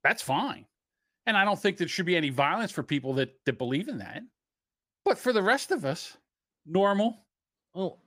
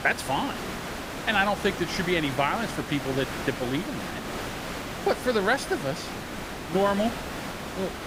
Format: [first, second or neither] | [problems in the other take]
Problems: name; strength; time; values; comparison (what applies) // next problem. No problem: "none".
first | hiss; loud; throughout; 6 dB below the speech